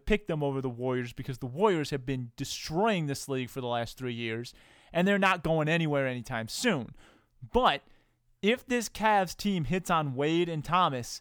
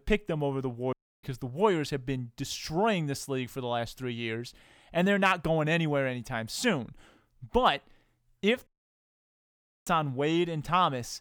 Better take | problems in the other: first | audio cutting out; at 1 s and at 8.5 s for 1 s

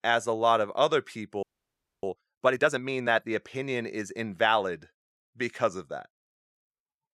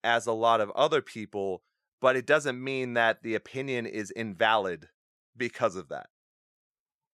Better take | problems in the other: second | audio freezing; at 1.5 s for 0.5 s

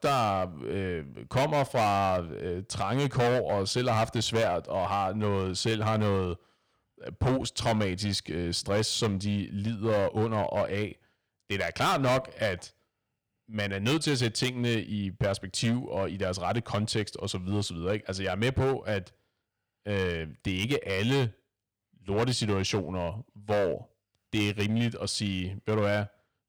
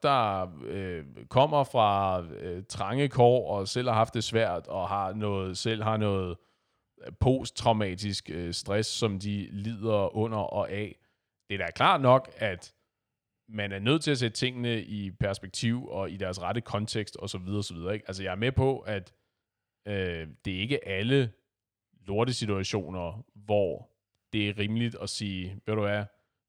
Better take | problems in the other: second | distortion; heavy; 9% of the sound clipped

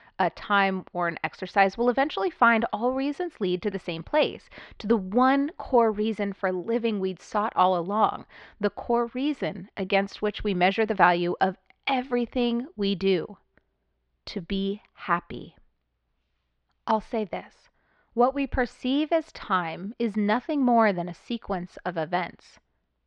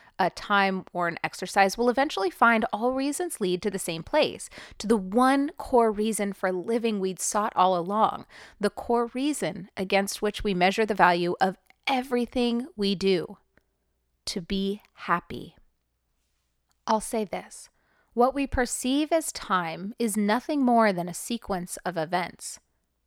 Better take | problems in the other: second | muffled; slightly; fading above 4 kHz

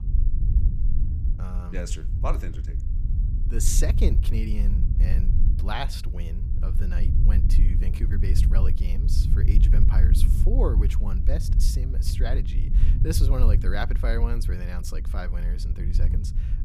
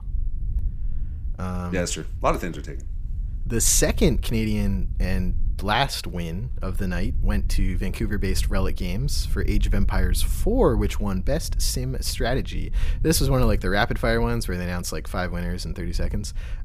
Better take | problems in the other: second | low rumble; loud; throughout; 7 dB below the speech; faint in the second

